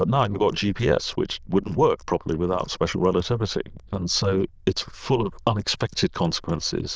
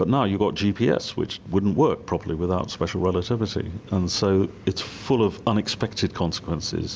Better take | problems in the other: second | noise reduction (neural diffusion model UNIVERSE++)

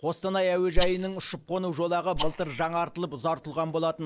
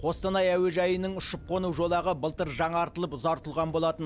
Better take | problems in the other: second | noise reduction (neural mask model Resemble Enhance denoiser)

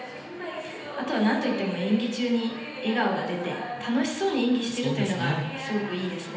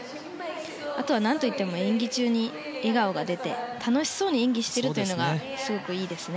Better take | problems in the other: second | room echo; dies away in 0.9 s

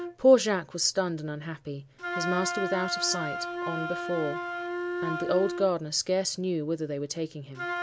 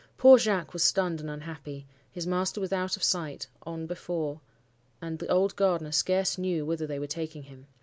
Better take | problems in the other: second | background sound (Wind instrument, woodwind instrument); 7 dB below the speech

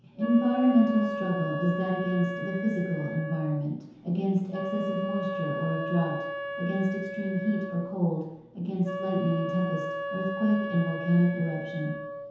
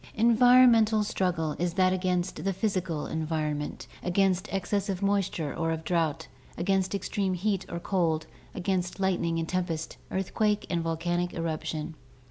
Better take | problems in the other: second | background sound (Wind instrument, woodwind instrument); 7 dB below the speech // room echo; dies away in 0.9 s

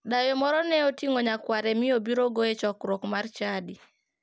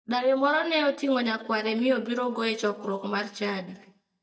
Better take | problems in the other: first | noise reduction (neural mask model DeepFilterNet 3)

